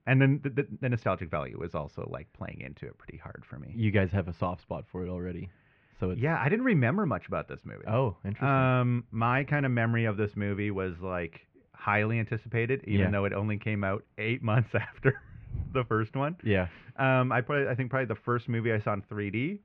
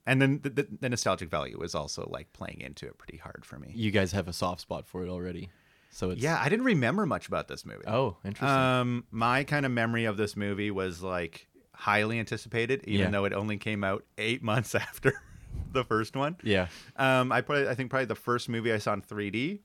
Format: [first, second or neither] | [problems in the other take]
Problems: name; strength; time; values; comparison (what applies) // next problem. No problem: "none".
second | muffled; very; fading above 2.5 kHz